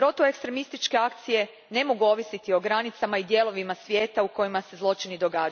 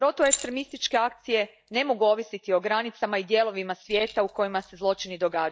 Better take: first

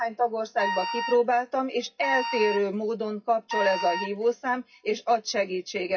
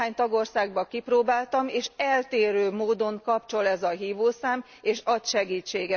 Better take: second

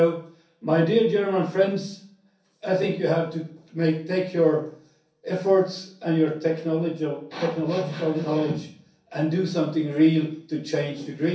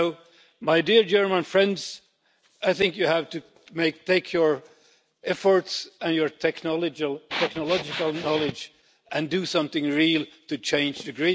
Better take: second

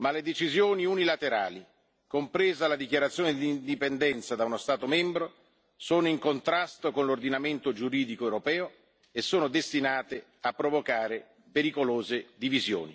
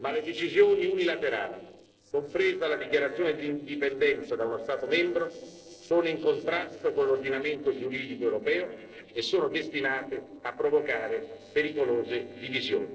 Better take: first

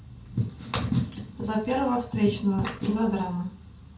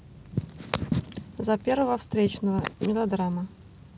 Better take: second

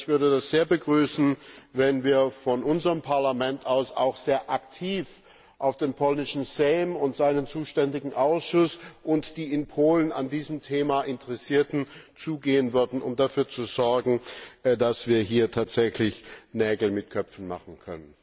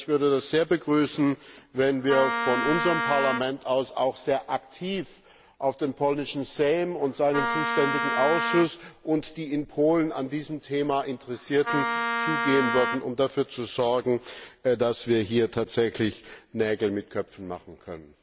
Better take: first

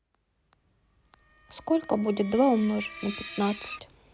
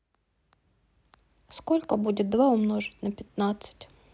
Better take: second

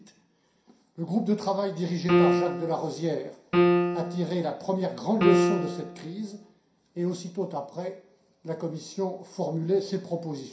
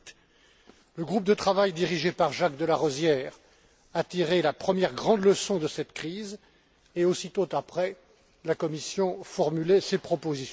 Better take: second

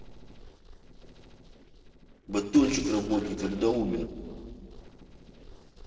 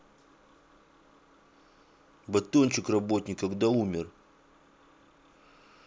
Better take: second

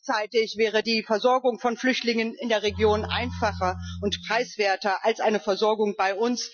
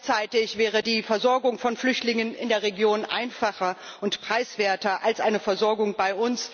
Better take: second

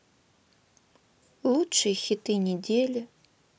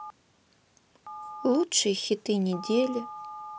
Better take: first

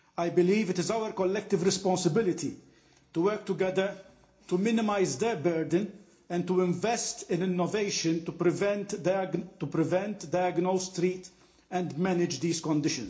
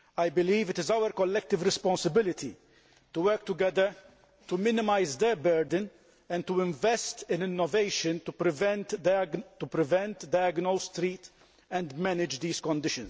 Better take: second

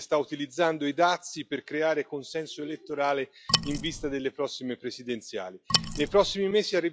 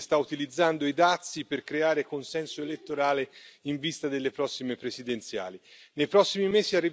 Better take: second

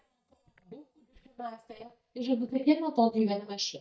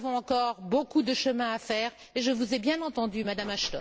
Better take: second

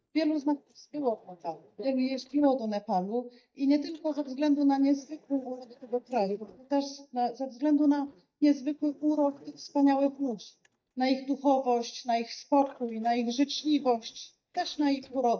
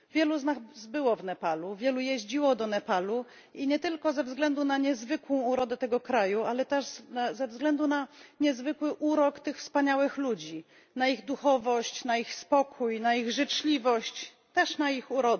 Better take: second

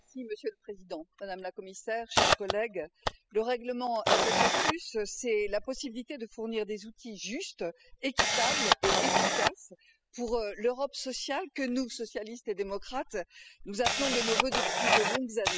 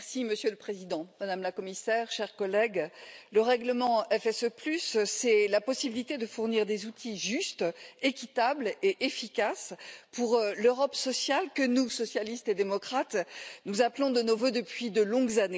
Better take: second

